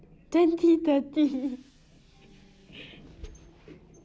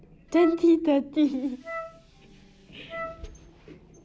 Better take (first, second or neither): first